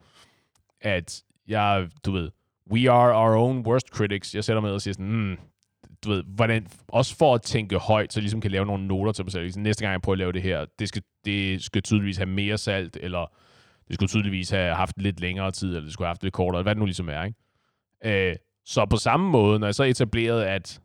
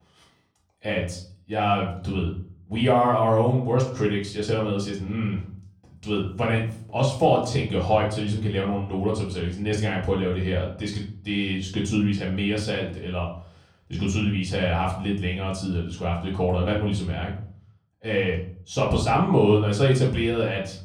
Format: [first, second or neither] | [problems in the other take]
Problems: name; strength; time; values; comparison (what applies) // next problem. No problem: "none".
first | off-mic speech; far // room echo; slight; dies away in 0.4 s